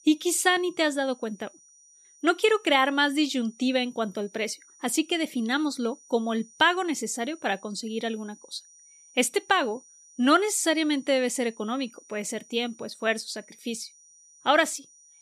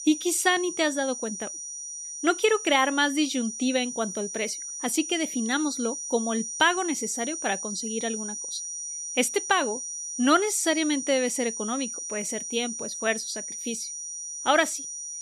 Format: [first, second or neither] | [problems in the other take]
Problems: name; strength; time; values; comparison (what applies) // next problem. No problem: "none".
first | high-pitched whine; loud; throughout; 6 kHz, 6 dB below the speech; faint in the first